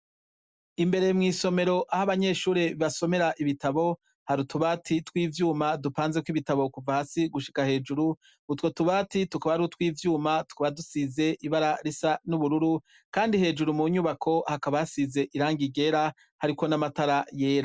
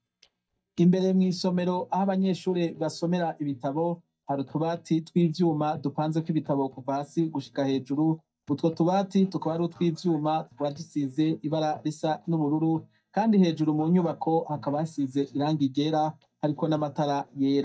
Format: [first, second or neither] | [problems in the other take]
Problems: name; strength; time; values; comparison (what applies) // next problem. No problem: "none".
first | noise reduction (neural mask model DeepFilterNet 3)